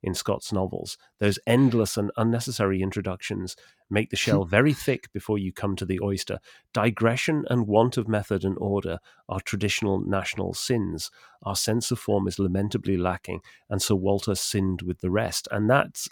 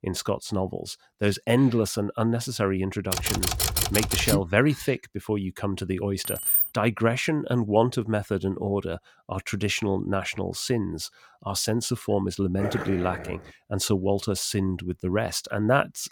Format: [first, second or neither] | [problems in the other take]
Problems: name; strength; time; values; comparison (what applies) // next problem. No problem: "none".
first | keyboard typing; loud; from 3 to 4.5 s; peak 3 dB above the speech // jangling keys; loud; at 6.5 s; peak 6 dB above the speech // dog barking; noticeable; at 13 s; peak 6 dB below the speech